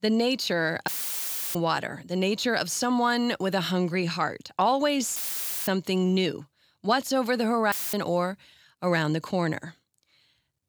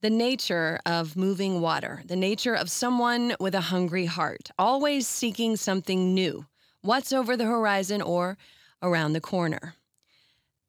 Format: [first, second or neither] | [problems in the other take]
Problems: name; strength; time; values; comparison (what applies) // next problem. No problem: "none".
second | audio cutting out; filled with static; at 1 s for 0.5 s, at 5 s for 0.5 s and at 7.5 s